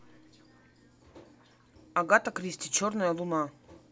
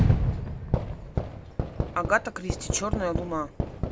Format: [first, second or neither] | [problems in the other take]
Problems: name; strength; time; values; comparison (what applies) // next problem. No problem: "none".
first | background sound (Fireworks); 4 dB above the speech